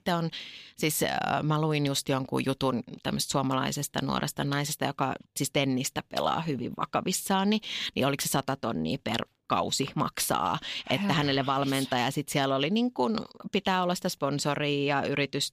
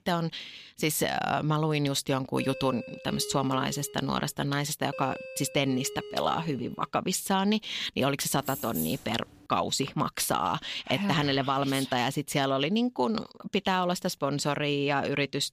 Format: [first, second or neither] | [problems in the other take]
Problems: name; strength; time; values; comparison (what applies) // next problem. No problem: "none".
first | doorbell; faint; from 2.5 to 7 s; peak 10 dB below the speech // jangling keys; noticeable; at 8.5 s; peak 6 dB below the speech